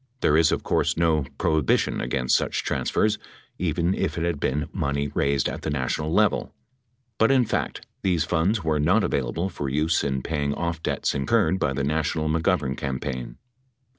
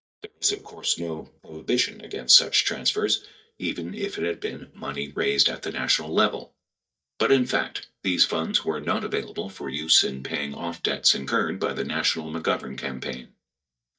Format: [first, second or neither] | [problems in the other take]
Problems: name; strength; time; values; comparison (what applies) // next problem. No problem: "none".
first | noise reduction (neural mask model DeepFilterNet 3)